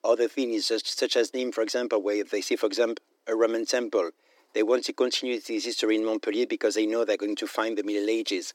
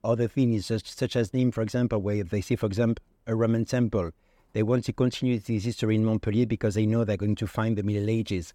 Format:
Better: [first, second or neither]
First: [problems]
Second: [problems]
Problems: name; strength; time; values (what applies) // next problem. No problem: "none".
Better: second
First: thin; very; fading below 300 Hz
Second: none